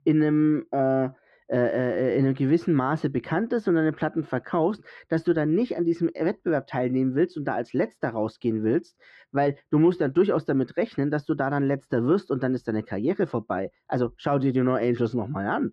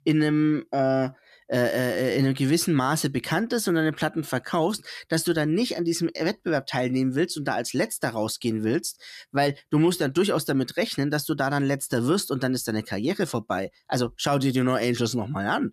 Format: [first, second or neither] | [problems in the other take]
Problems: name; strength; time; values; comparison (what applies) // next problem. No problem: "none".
second | muffled; very; fading above 1.5 kHz